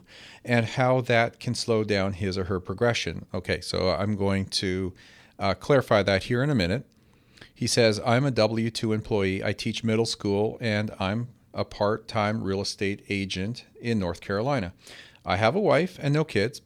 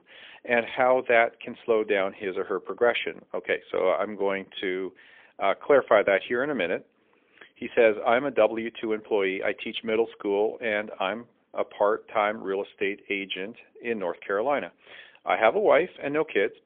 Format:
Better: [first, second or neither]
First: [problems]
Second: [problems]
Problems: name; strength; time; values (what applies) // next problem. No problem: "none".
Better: first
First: none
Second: phone-call audio; poor line; nothing above 3.5 kHz